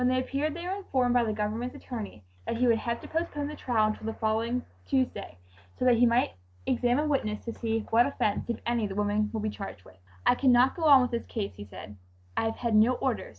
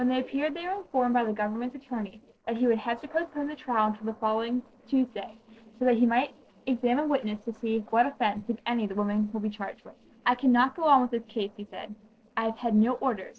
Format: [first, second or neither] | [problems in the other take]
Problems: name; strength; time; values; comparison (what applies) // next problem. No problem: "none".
first | noise reduction (neural separator model SepFormer DNS4)